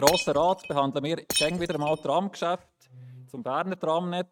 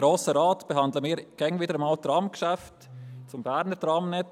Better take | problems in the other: second | noise reduction (neural mask model RNNoise)

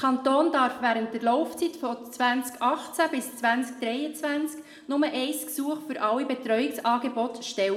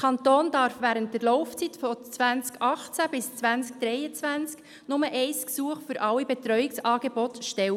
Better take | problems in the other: second | room echo; dies away in 0.7 s

